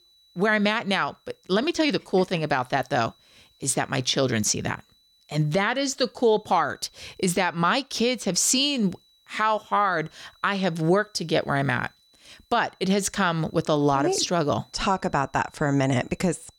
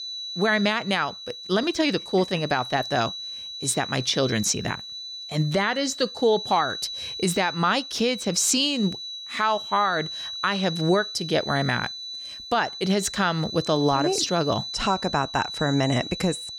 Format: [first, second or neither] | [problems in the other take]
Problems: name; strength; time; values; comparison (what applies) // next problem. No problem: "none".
first | high-pitched whine; loud; throughout; 4 kHz, 8 dB below the speech; faint in the first